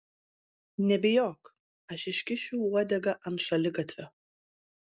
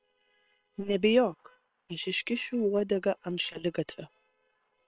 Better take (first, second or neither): first